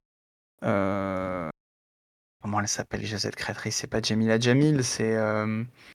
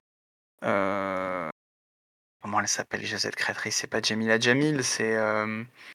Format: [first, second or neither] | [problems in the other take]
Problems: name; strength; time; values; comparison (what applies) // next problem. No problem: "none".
first | thin; very slightly; fading below 350 Hz